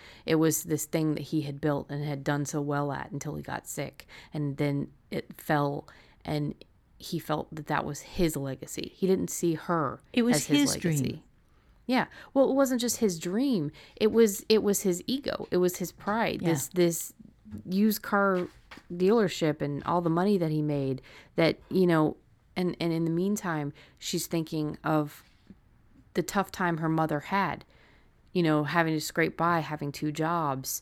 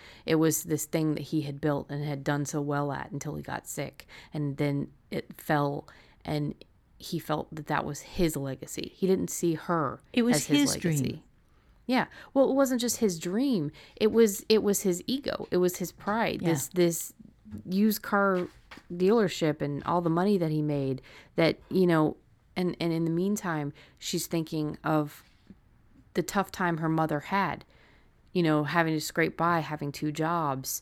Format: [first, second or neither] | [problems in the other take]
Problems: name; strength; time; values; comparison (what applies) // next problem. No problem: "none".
neither | none